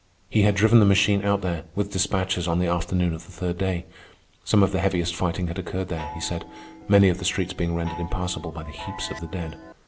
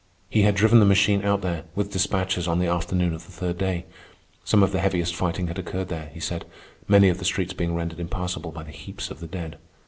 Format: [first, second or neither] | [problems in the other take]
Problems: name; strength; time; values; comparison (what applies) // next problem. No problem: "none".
second | background sound (Chime); 16 dB below the speech